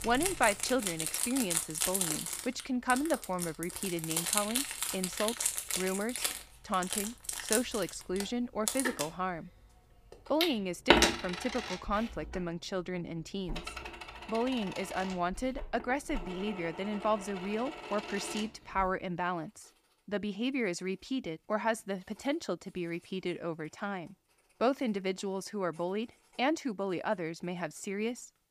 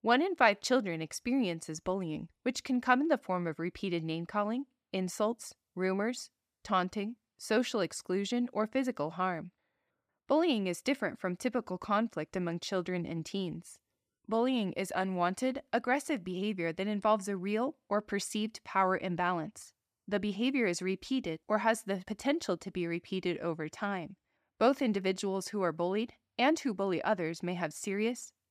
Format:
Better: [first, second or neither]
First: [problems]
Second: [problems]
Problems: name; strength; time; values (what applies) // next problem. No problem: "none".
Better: second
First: household noises; very loud; throughout; as loud as the speech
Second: none